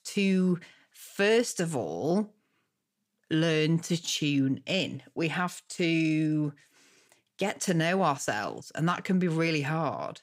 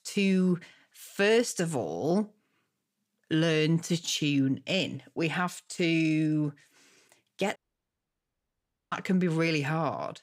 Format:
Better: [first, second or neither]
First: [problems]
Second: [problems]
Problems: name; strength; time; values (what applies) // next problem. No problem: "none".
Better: first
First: none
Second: audio cutting out; at 7.5 s for 1.5 s